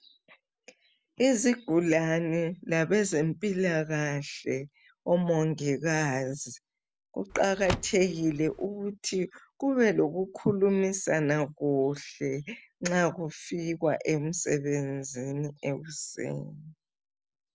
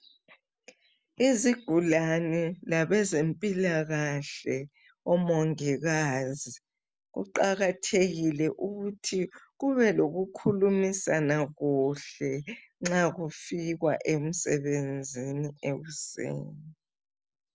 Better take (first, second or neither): second